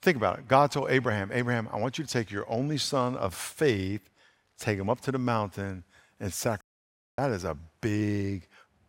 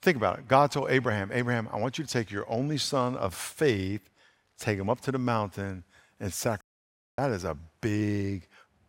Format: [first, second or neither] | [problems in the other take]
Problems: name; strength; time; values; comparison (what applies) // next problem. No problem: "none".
neither | audio cutting out; at 6.5 s for 0.5 s; the same in both